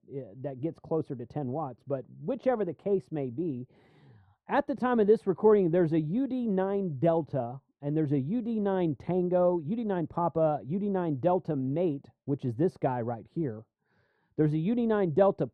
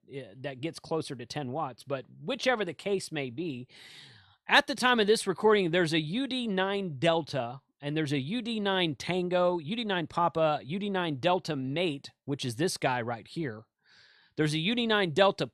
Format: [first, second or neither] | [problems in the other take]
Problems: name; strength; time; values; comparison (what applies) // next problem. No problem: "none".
second | muffled; very; fading above 1.5 kHz